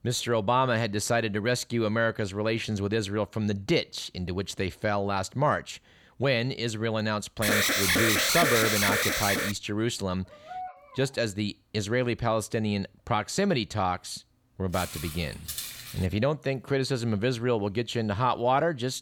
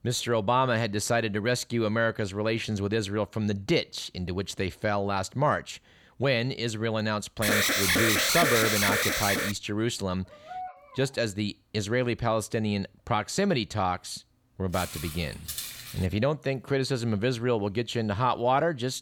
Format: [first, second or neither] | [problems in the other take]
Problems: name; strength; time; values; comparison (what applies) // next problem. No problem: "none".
neither | alarm; loud; from 7.5 to 9.5 s; peak 6 dB above the speech; the same in both // dog barking; faint; at 10 s; peak 10 dB below the speech; the same in both // footsteps; noticeable; from 15 to 16 s; peak 6 dB below the speech; the same in both